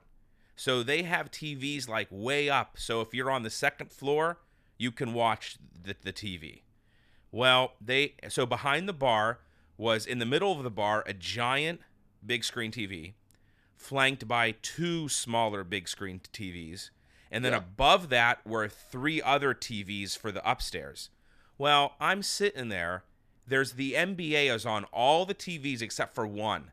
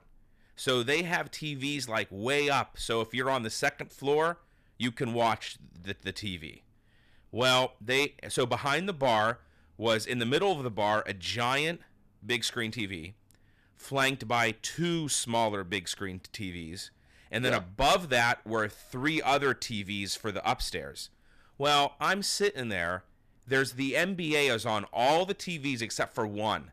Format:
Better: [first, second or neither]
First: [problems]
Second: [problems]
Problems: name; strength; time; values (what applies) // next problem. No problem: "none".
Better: first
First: none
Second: distortion; slight; 3% of the sound clipped